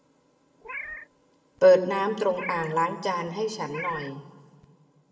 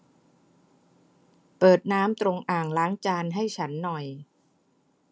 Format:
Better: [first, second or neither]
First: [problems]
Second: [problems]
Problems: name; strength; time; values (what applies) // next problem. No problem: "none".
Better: second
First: background sound (Meow); 14 dB below the speech // room echo; dies away in 1.2 s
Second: none